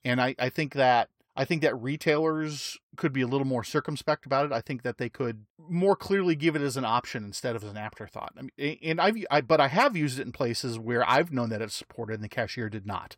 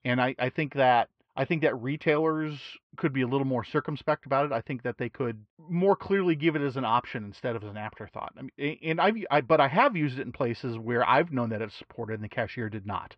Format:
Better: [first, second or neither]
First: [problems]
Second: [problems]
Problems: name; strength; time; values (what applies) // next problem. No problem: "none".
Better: first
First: none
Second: muffled; slightly; fading above 3 kHz